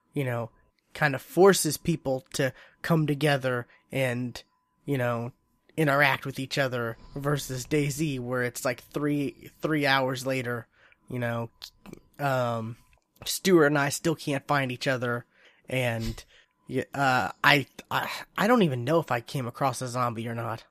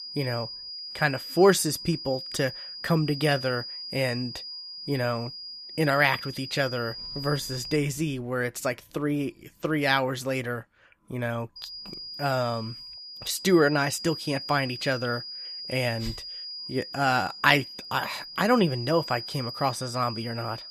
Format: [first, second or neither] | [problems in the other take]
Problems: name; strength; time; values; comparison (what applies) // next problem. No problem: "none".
first | high-pitched whine; loud; until 8 s and from 12 s on; 5 kHz, 9 dB below the speech